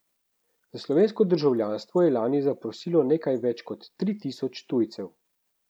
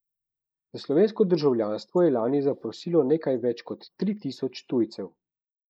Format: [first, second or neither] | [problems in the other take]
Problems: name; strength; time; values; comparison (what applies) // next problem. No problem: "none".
first | noise reduction (neural mask model Resemble Enhance denoiser)